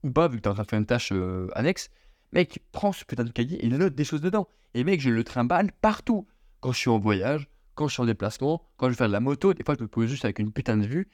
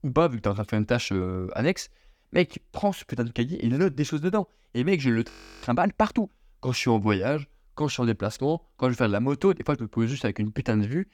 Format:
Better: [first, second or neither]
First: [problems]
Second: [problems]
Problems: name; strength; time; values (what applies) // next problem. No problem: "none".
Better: first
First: none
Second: audio freezing; at 5.5 s